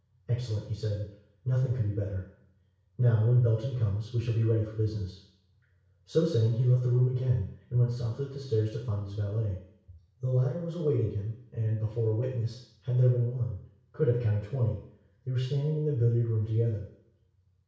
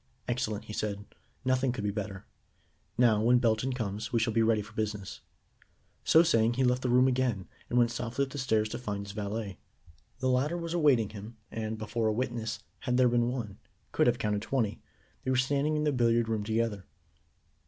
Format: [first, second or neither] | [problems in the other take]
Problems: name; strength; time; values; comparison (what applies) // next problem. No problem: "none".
second | room echo; dies away in 0.6 s